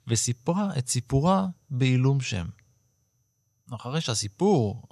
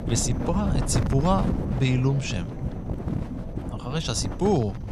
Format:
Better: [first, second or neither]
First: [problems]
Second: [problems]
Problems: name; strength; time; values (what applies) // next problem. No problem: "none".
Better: first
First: none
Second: wind noise on the microphone; heavy; 8 dB below the speech